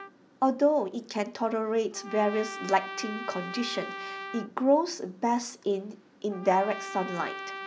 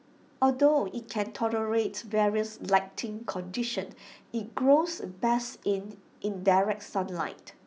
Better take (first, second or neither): second